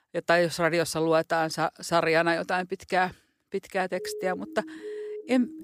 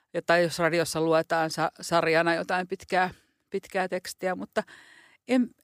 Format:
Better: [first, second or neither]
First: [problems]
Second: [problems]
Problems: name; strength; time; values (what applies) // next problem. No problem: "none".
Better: second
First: siren; faint; from 4 s on; peak 10 dB below the speech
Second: none